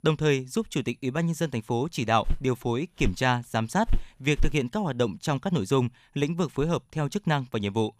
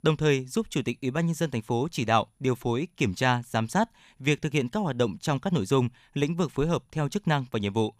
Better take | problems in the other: second | footsteps; noticeable; from 2.5 to 4.5 s; peak 7 dB below the speech

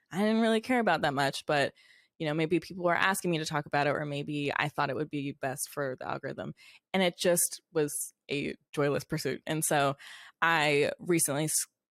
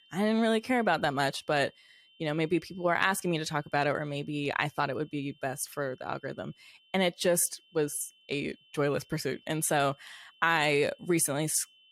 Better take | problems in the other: first | high-pitched whine; faint; throughout; 3 kHz, 30 dB below the speech

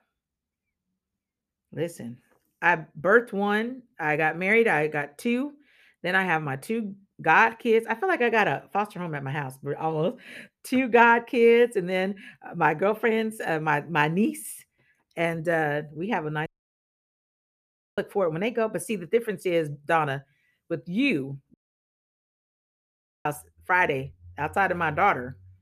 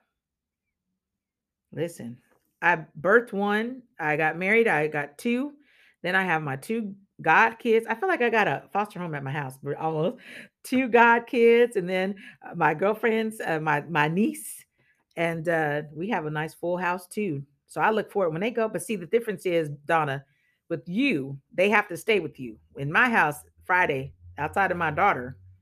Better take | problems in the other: second | audio cutting out; at 16 s for 1.5 s and at 22 s for 1.5 s

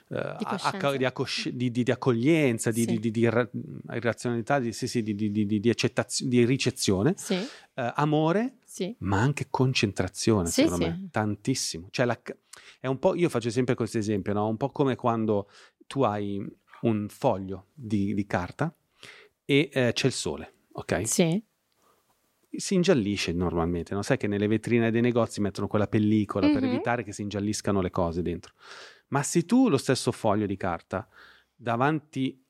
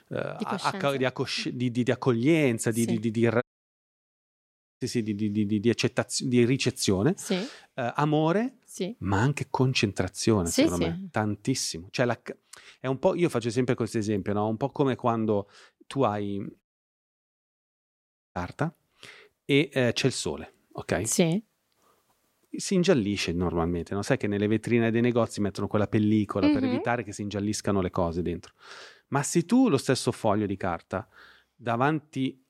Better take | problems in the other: first | audio cutting out; at 3.5 s for 1.5 s and at 17 s for 1.5 s

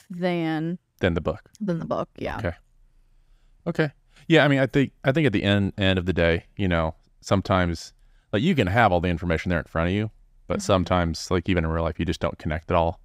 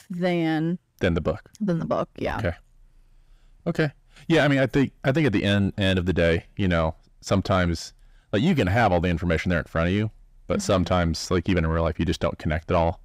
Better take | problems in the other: first | distortion; slight; 10 dB below the speech

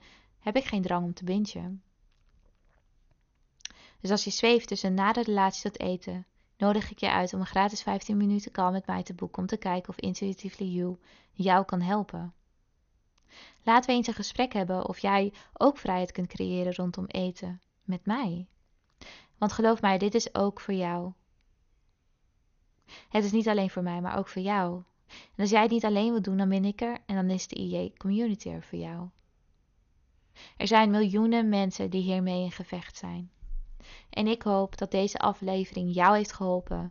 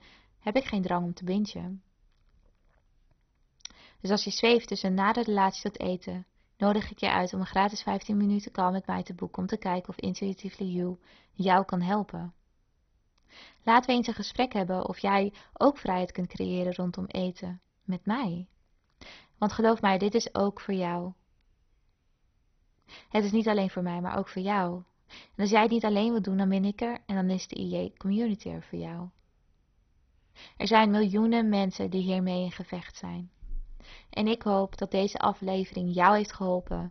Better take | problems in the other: first | garbled, watery; badly; nothing above 6 kHz; slightly in the first

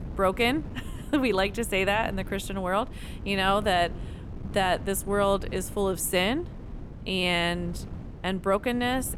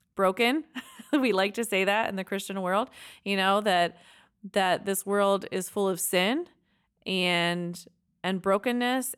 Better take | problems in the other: second | wind noise on the microphone; occasional gusts; 20 dB below the speech

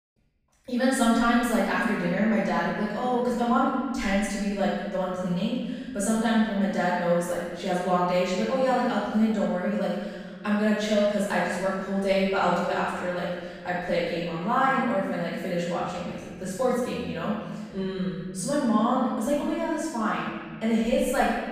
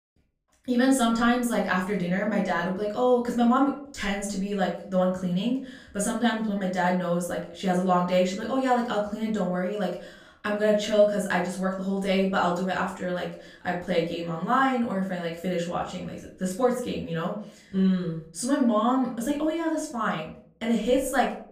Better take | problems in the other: second | room echo; strong; dies away in 1.8 s; slight in the second // off-mic speech; far; far in the second

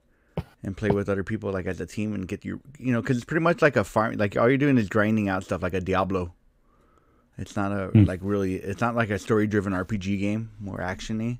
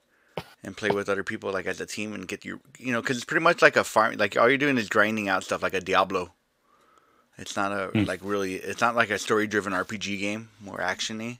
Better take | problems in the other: first | thin; somewhat; fading below 900 Hz

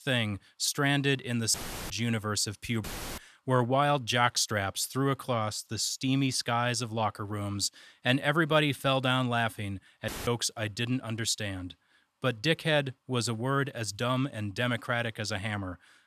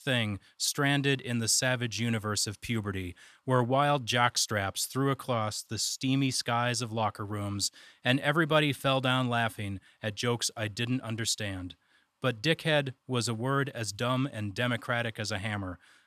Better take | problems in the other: second | audio cutting out; filled with static; at 1.5 s, at 3 s and at 10 s

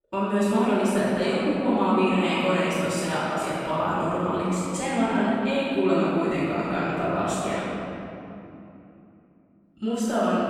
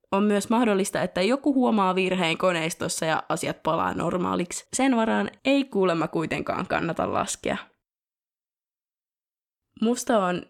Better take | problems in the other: second | room echo; strong; dies away in 2.8 s // off-mic speech; far

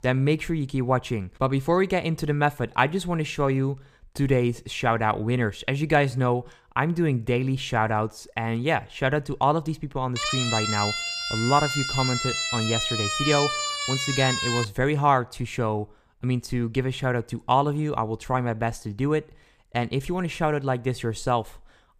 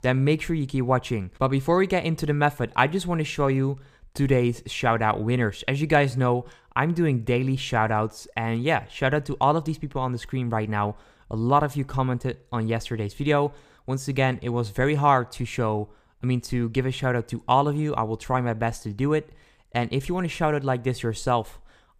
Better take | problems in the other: second | siren; loud; from 10 to 15 s; peak 1 dB above the speech

